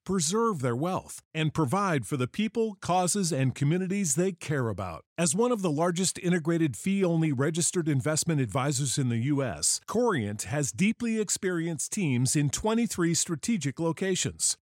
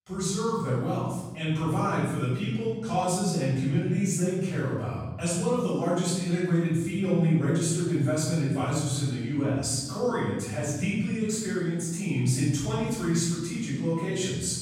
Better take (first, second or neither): first